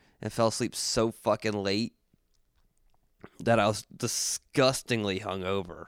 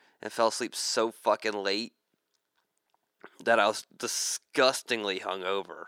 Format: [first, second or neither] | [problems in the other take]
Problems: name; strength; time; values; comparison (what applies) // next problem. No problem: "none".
first | thin; somewhat; fading below 400 Hz